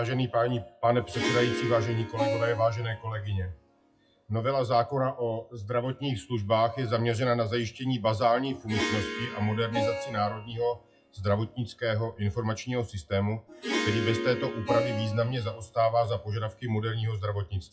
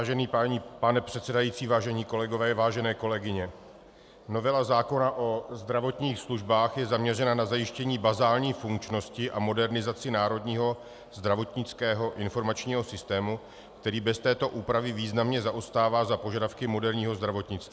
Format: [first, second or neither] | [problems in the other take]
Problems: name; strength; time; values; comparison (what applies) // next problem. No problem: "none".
second | noise reduction (classical method WPE with log-MMSE)